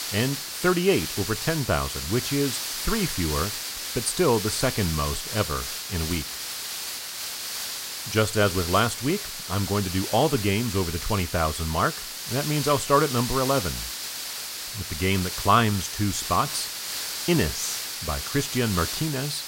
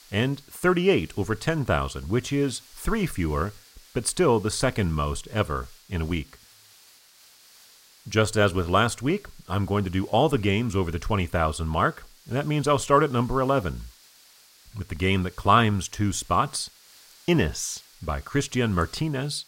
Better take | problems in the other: second | hiss; loud; throughout; 4 dB below the speech; faint in the second

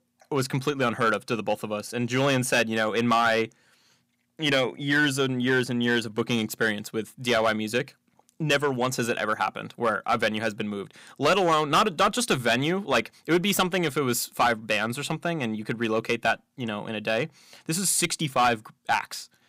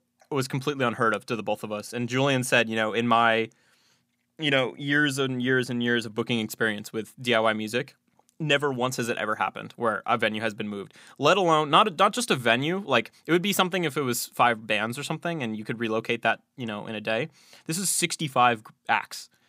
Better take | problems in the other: second | distortion; slight; 3% of the sound clipped

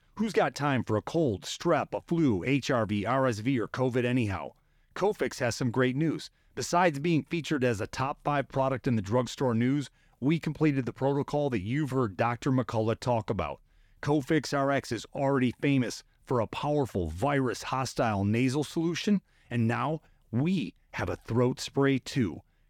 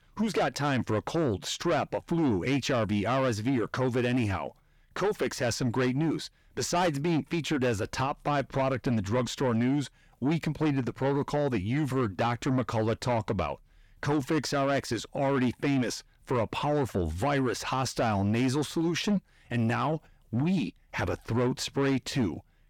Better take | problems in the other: first | distortion; slight; 10 dB below the speech

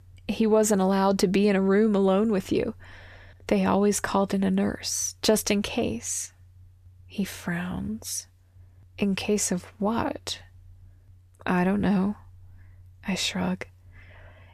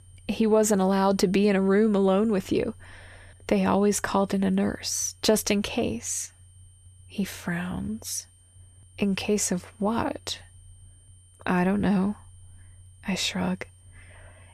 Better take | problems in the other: first | high-pitched whine; faint; throughout; 9 kHz, 30 dB below the speech

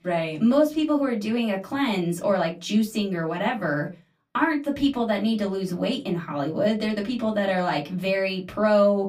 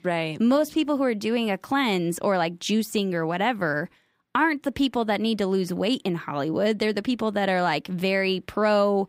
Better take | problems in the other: second | off-mic speech; far // room echo; very slight; dies away in 0.2 s

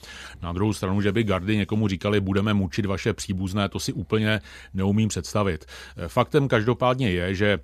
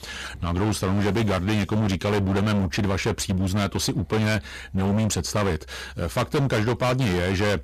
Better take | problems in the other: first | distortion; heavy; 30% of the sound clipped

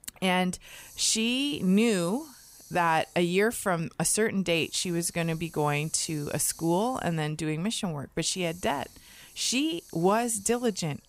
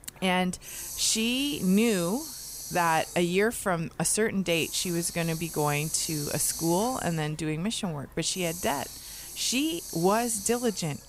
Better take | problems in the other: first | hiss; loud; throughout; 9 dB below the speech; faint in the first

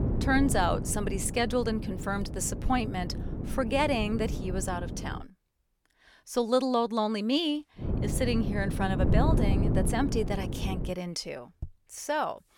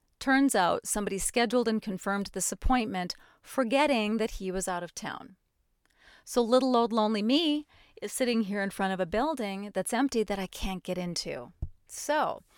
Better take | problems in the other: second | wind noise on the microphone; heavy; until 5 s and from 8 to 11 s; 9 dB below the speech

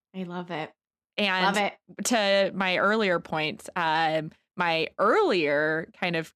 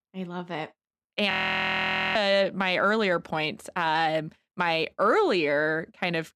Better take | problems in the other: first | audio freezing; at 1.5 s for 1 s

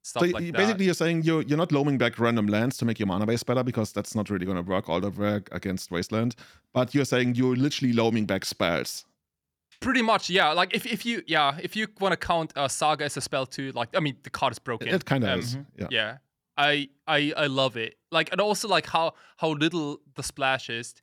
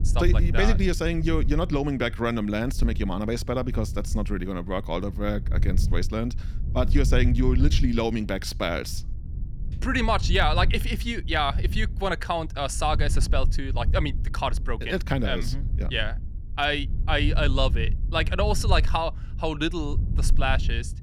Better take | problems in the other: first | low rumble; noticeable; throughout; 20 dB below the speech

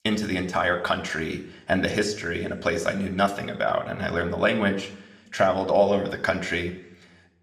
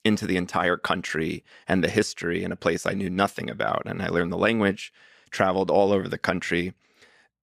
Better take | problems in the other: second | room echo; very slight; dies away in 0.6 s

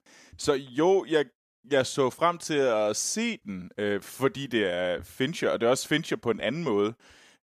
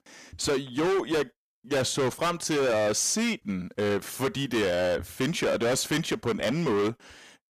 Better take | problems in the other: first | distortion; heavy; 22% of the sound clipped

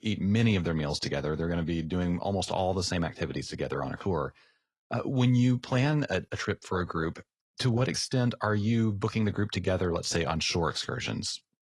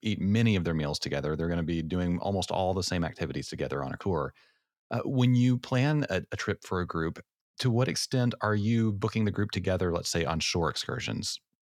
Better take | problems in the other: second | garbled, watery; slightly

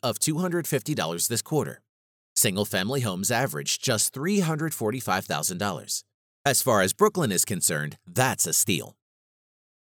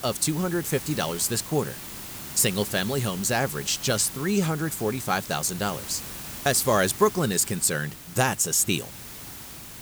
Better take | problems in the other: first | hiss; noticeable; throughout; 10 dB below the speech

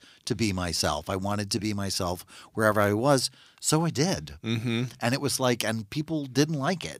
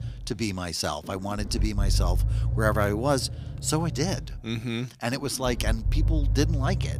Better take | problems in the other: first | low rumble; noticeable; throughout; 15 dB below the speech

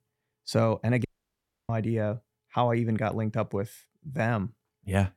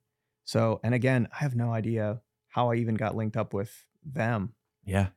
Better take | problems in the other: second | audio cutting out; at 1 s for 0.5 s

